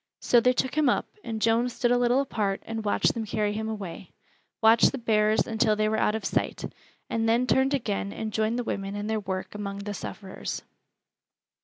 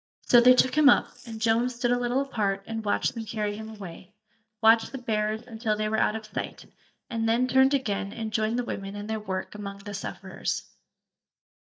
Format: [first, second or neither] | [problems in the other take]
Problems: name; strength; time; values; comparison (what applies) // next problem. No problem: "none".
first | noise reduction (neural mask model DeepFilterNet 3)